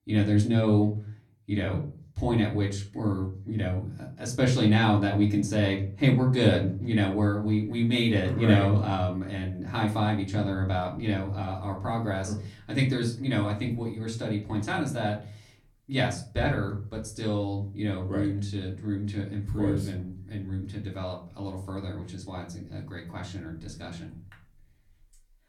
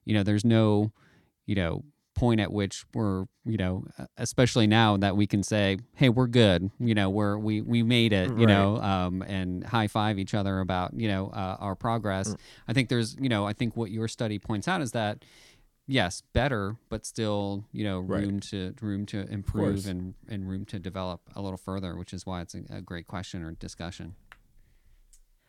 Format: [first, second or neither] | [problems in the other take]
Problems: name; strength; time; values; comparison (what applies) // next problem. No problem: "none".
second | off-mic speech; far // room echo; very slight; dies away in 0.4 s